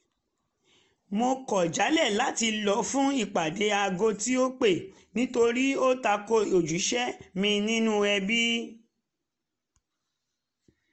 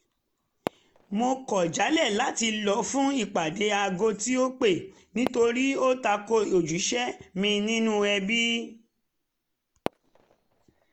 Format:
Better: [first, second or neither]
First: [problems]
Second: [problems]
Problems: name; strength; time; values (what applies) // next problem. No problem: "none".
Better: first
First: none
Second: background sound (Fireworks); 18 dB below the speech